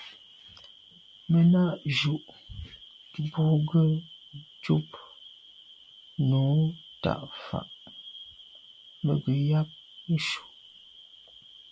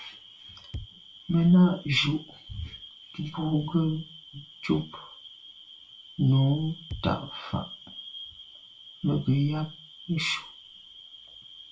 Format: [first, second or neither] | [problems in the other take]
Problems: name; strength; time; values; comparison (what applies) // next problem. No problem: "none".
first | background sound (Bass drum); 12 dB below the speech // room echo; dies away in 0.3 s